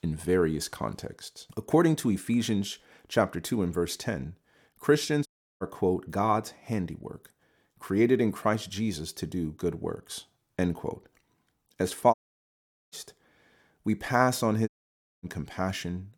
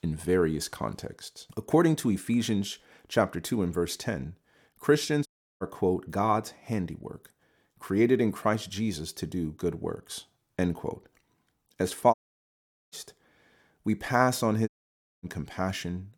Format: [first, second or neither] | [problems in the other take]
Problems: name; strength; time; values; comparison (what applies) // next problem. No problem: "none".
neither | audio cutting out; at 5.5 s, at 12 s for 1 s and at 15 s for 0.5 s; the same in both